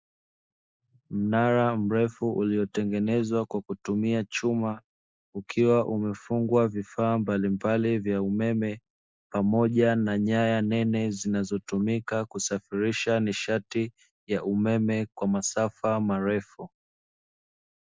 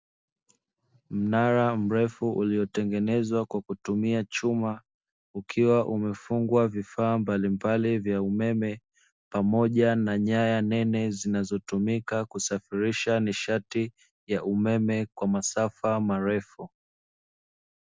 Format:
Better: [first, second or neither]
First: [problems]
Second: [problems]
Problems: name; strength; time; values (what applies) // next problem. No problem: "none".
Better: second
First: noise reduction (neural mask model Resemble Enhance denoiser)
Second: none